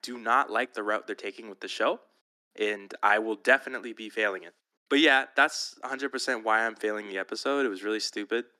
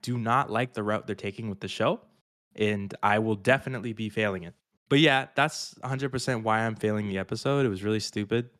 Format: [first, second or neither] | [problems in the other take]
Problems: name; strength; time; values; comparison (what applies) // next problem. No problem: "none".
second | thin; somewhat; fading below 300 Hz